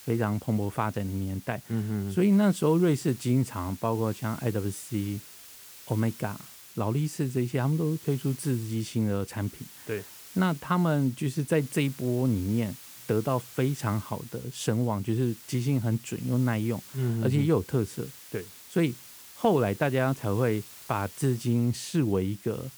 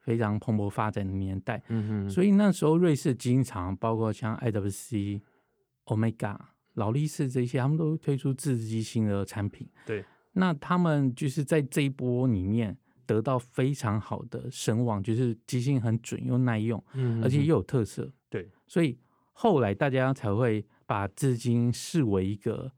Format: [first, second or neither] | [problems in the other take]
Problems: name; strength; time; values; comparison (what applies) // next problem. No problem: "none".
second | hiss; noticeable; throughout; 15 dB below the speech